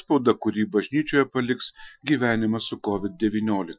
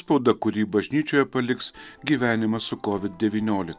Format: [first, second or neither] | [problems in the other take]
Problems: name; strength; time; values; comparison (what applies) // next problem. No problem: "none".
second | noise reduction (classical method Wiener filter)